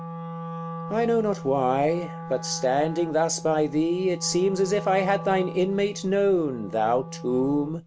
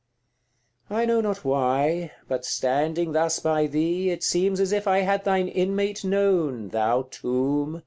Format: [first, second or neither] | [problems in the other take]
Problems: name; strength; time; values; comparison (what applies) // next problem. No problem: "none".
second | background sound (Wind instrument, woodwind instrument); 12 dB below the speech